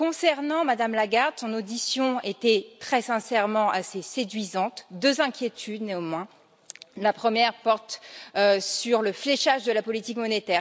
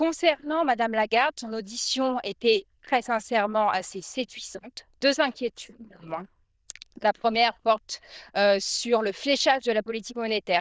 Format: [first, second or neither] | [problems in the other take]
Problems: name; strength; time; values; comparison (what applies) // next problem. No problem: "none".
first | noise reduction (neural diffusion model UNIVERSE++)